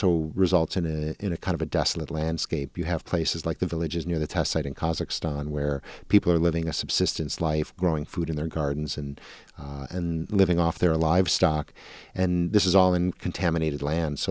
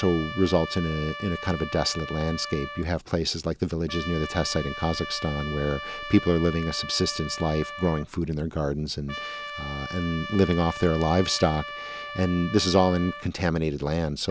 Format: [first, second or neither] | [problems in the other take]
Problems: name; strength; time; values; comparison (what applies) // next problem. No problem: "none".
first | background sound (Trumpet); 11 dB below the speech